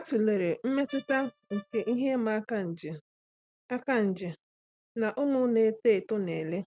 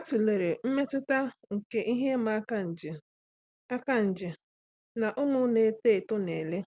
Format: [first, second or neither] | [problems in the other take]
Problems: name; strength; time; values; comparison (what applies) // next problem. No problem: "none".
second | noise reduction (neural mask model RNNoise)